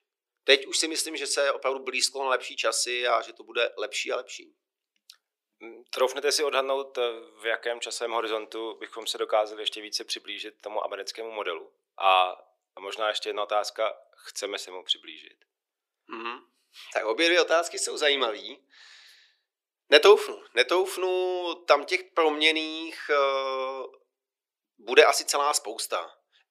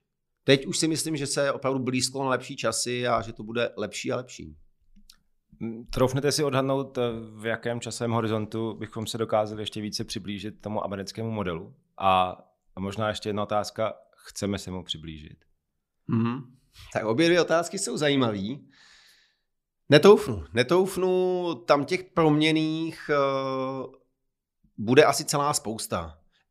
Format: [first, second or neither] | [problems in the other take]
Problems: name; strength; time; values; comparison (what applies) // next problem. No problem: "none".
second | thin; very; fading below 350 Hz